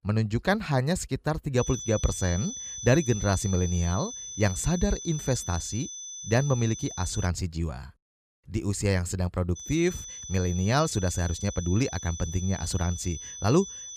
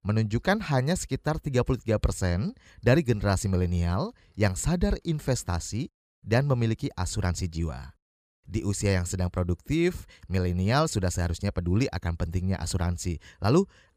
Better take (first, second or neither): second